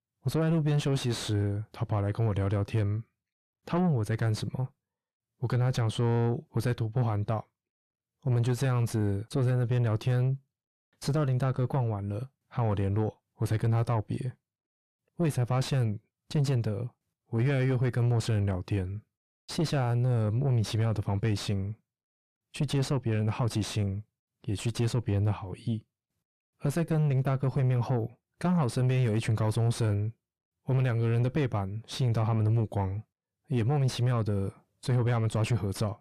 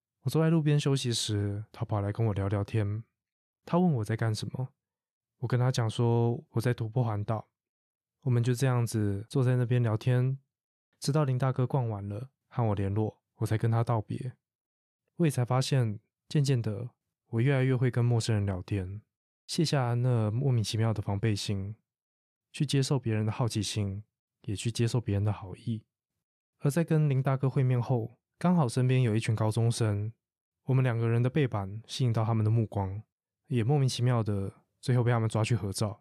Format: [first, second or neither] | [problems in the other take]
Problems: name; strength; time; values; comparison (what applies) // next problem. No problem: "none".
second | distortion; slight; 10 dB below the speech